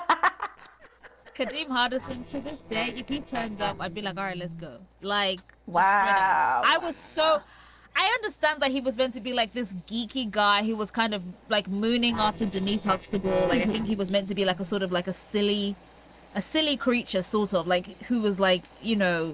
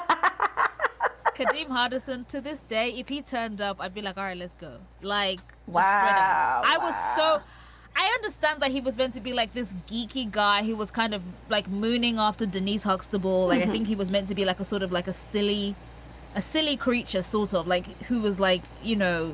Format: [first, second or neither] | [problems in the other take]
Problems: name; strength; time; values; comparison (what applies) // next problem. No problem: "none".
second | noise reduction (neural separator model SepFormer DNS4)